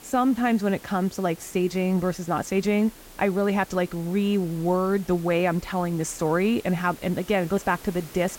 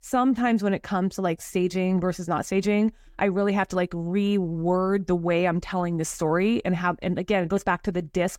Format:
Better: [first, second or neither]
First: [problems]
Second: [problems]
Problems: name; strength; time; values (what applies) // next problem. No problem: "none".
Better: second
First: hiss; faint; throughout; 20 dB below the speech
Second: none